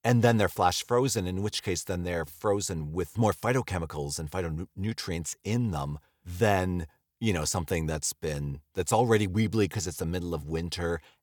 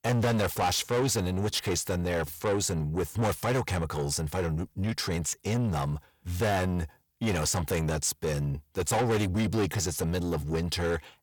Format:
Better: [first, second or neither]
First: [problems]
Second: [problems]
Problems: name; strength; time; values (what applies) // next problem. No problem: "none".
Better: first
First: none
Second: distortion; heavy; 6 dB below the speech